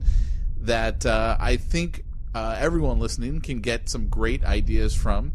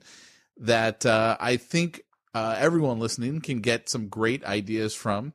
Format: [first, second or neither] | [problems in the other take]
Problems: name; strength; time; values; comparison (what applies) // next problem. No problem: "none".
second | low rumble; faint; throughout; 25 dB below the speech